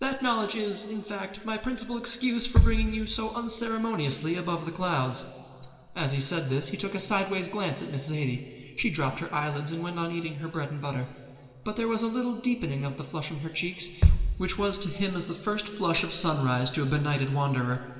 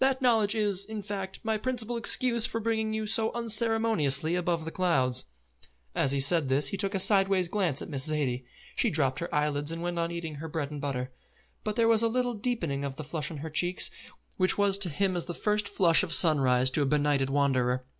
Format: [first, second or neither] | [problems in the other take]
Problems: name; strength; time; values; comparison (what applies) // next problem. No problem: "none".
second | background sound (Bass drum); as loud as the speech // room echo; dies away in 2 s